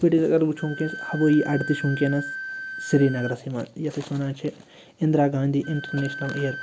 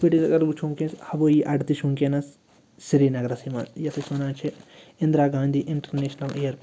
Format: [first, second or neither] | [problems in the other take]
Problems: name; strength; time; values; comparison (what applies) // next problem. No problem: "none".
second | background sound (Wind instrument, woodwind instrument); 13 dB below the speech